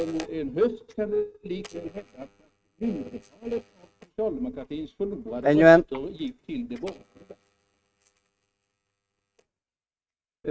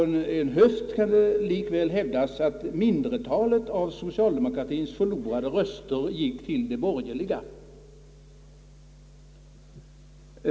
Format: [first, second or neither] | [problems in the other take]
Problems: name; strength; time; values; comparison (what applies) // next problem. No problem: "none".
second | noise reduction (neural mask model RNNoise)